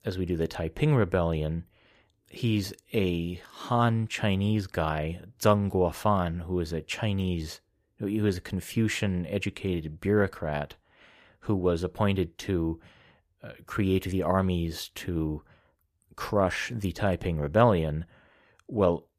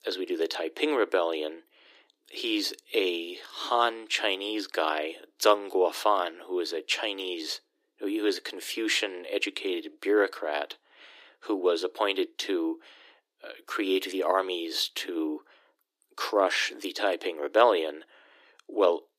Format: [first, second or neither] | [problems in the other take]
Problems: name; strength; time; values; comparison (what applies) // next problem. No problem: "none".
first | thin; very; fading below 300 Hz